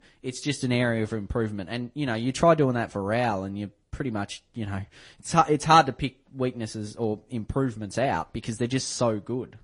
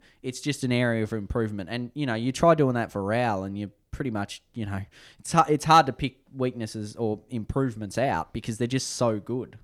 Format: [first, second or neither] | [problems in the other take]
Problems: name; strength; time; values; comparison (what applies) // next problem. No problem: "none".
second | garbled, watery; slightly; nothing above 10.5 kHz